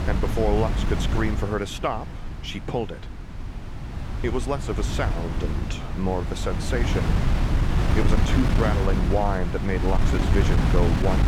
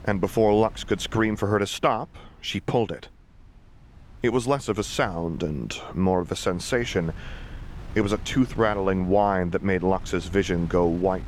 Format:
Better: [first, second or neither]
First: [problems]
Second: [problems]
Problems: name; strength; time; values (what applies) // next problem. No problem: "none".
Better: second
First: wind noise on the microphone; heavy; 4 dB below the speech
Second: wind noise on the microphone; occasional gusts; 25 dB below the speech